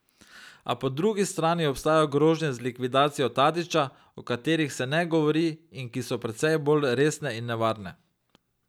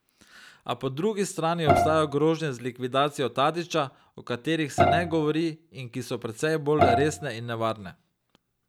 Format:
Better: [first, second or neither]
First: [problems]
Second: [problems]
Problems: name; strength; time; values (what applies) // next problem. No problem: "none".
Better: first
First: none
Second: background sound (Bowed string instrument); 1 dB above the speech